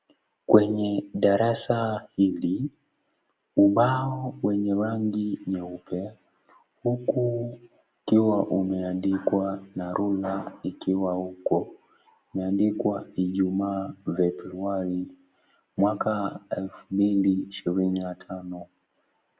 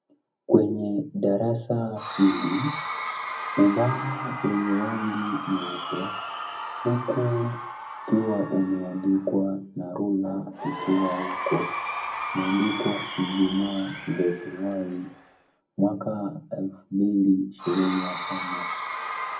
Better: first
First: none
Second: background sound (Crowd / Cheering); 8 dB below the speech // room echo; dies away in 0.4 s

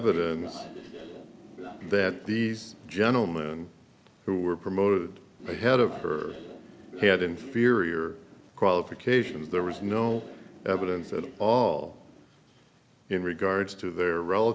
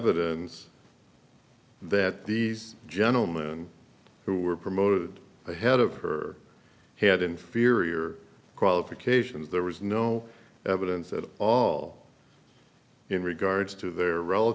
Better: second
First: background sound (Train); 15 dB below the speech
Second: none

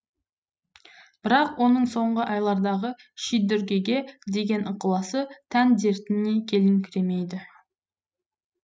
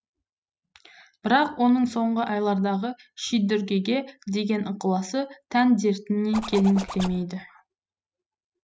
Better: first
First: none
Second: background sound (Zipper (clothing)); 11 dB below the speech

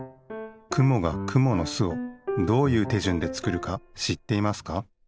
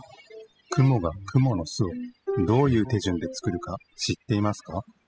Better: first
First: none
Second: noise reduction (classical method spectral subtraction)

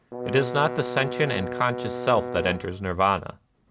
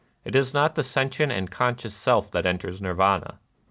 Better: second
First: background sound (Bowed string instrument); 7 dB below the speech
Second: none

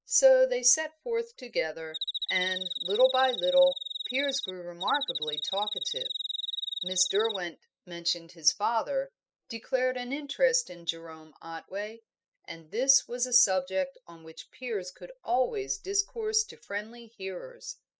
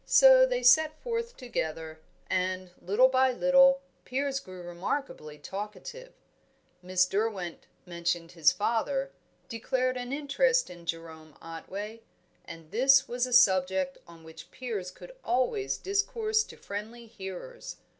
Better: second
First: noise reduction (classical method spectral subtraction)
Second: none

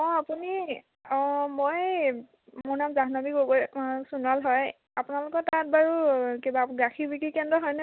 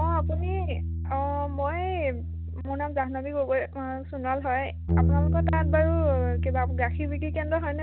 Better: first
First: none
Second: background sound (Bass guitar); 2 dB above the speech

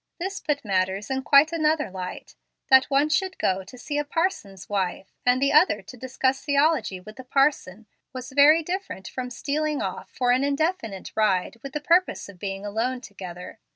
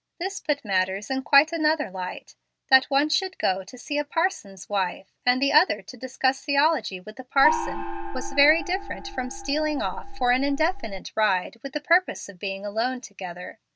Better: first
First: none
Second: background sound (Gong); 4 dB below the speech

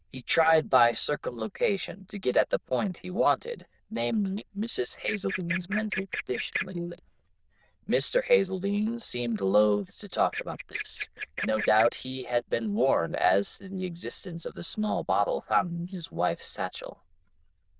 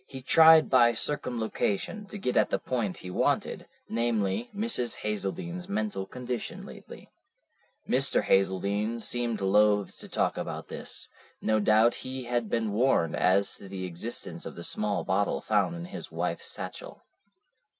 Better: second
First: noise reduction (neural diffusion model UNIVERSE++)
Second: none

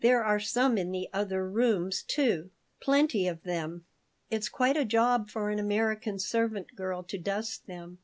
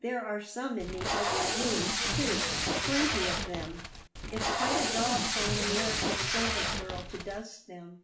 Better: first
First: none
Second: background sound (Packing tape, duct tape); 4 dB above the speech // room echo; dies away in 0.5 s

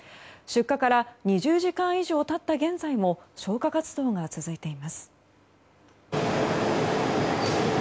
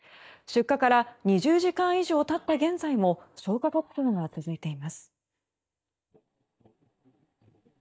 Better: first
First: none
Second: noise reduction (neural mask model DeepFilterNet 3)

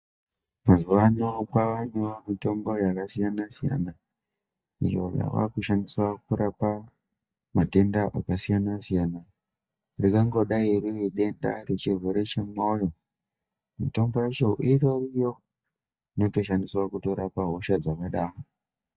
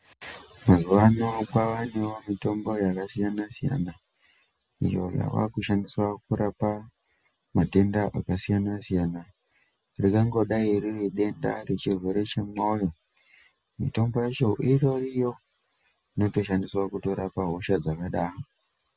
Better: second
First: noise reduction (neural mask model DeepFilterNet 3)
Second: none

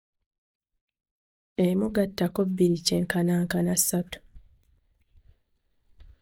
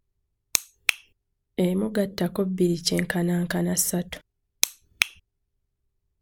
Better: second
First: noise reduction (neural mask model DeepFilterNet 3)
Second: none

